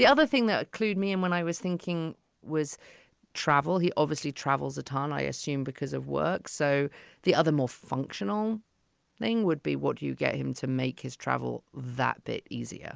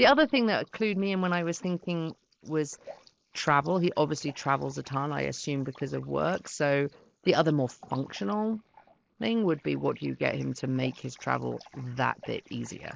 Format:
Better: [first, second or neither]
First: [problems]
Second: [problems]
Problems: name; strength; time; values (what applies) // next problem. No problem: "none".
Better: first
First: none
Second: noise reduction (neural mask model Resemble Enhance denoiser)